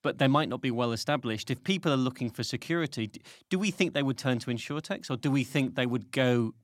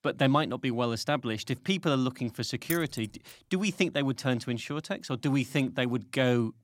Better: first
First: none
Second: jangling keys; noticeable; at 2.5 s; peak 8 dB below the speech

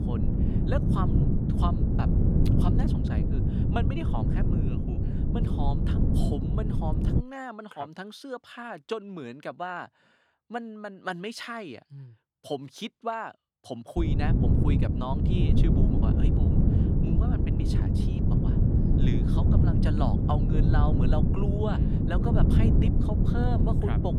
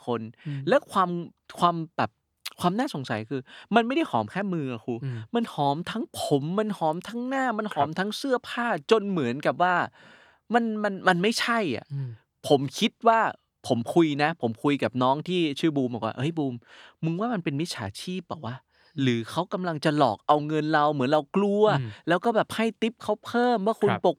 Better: second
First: wind noise on the microphone; heavy; until 7 s and from 14 s on; 1 dB above the speech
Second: none

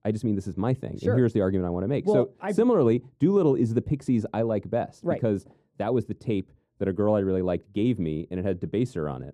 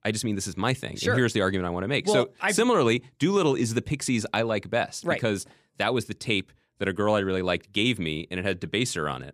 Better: second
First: muffled; very; fading above 1 kHz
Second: none

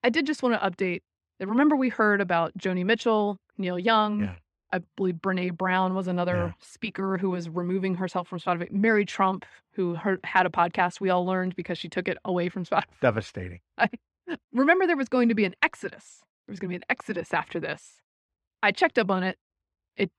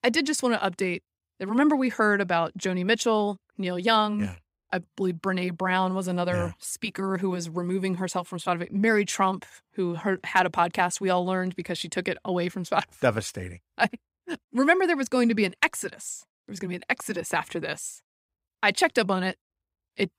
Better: second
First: muffled; slightly; fading above 3 kHz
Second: none

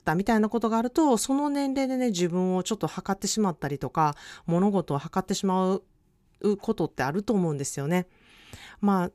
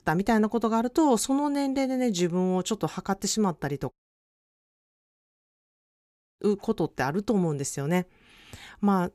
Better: first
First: none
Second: audio cutting out; at 4 s for 2.5 s

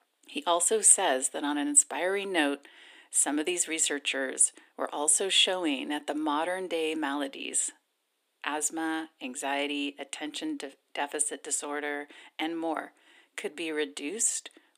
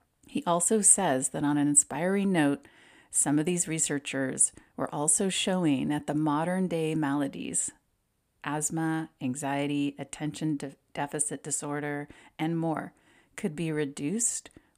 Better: second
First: thin; somewhat; fading below 300 Hz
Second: none

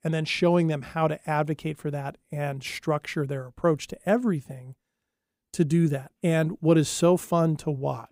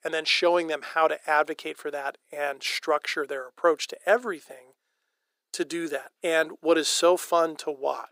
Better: first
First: none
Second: thin; very; fading below 400 Hz

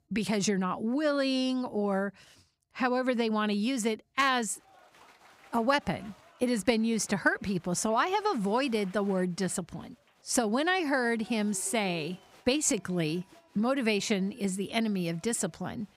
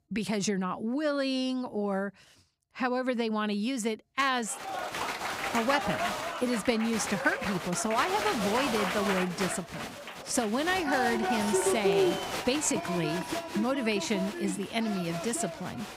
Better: first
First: crowd noise; faint; from 4.5 s on; 25 dB below the speech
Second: crowd noise; loud; from 4.5 s on; 2 dB below the speech

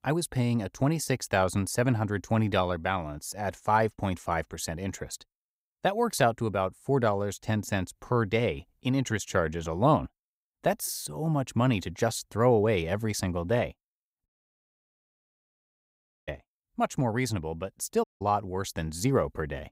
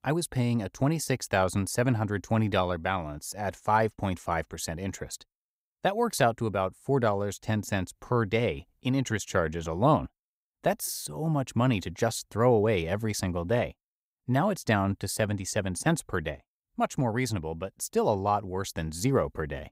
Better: second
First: audio cutting out; at 14 s for 2 s and at 18 s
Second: none

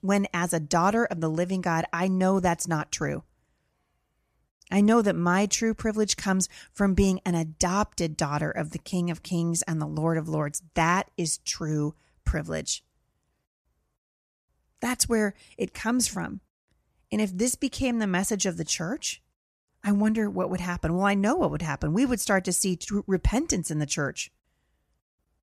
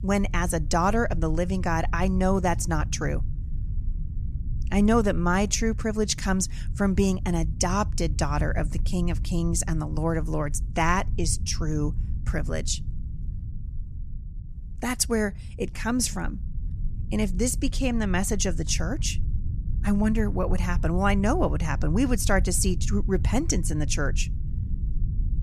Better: first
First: none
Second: low rumble; noticeable; throughout; 20 dB below the speech

